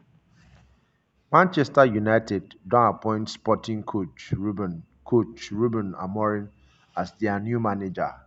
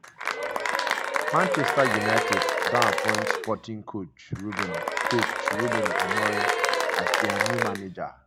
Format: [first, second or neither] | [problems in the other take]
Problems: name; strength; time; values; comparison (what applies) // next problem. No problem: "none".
first | background sound (Applause / Cheering); 5 dB above the speech